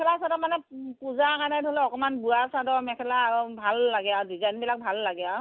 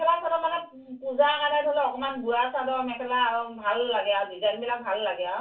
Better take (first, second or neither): first